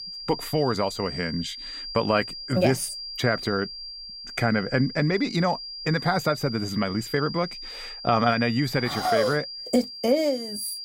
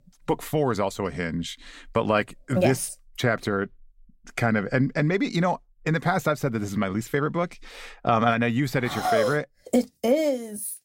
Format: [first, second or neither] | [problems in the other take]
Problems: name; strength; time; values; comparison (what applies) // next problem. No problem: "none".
second | high-pitched whine; loud; throughout; 5 kHz, 9 dB below the speech